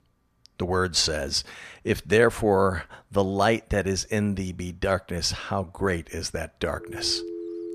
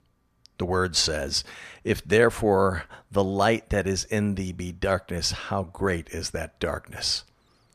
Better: second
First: phone ringing; noticeable; from 6.5 s on; peak 9 dB below the speech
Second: none

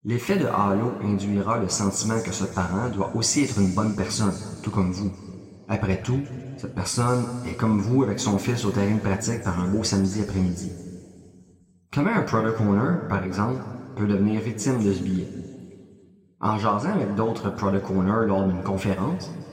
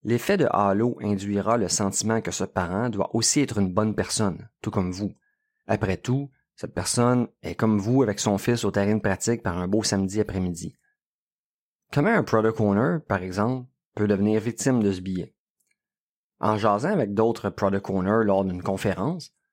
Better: second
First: room echo; noticeable; dies away in 2.1 s // off-mic speech; somewhat distant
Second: none

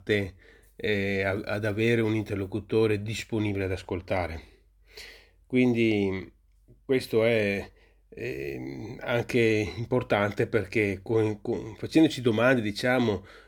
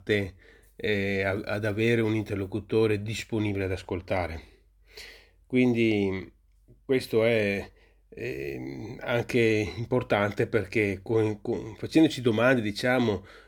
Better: neither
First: none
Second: none

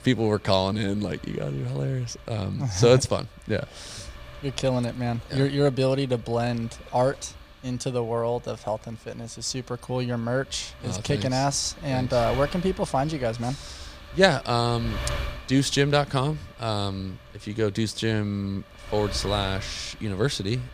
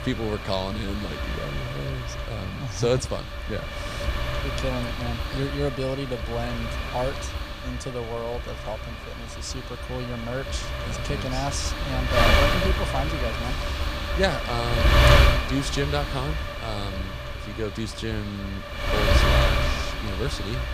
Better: first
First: wind noise on the microphone; occasional gusts; 15 dB below the speech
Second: wind noise on the microphone; heavy; 4 dB above the speech

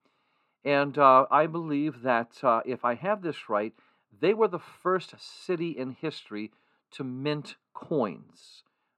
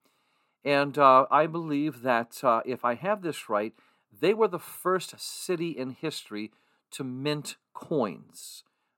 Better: second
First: muffled; very slightly; fading above 3.5 kHz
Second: none

